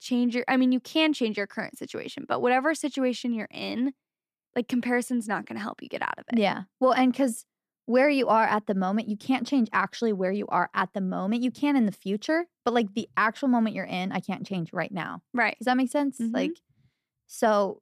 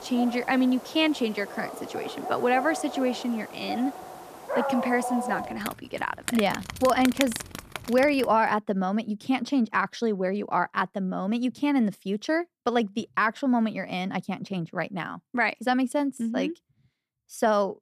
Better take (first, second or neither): first